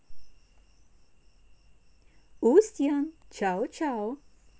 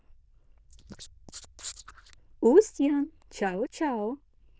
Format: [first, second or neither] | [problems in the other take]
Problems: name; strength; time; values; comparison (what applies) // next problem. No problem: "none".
first | noise reduction (neural diffusion model UNIVERSE++)